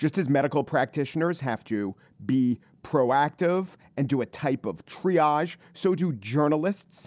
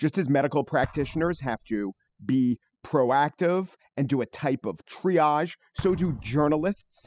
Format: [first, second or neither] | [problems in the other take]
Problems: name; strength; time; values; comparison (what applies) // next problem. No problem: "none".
first | noise reduction (classical method spectral subtraction)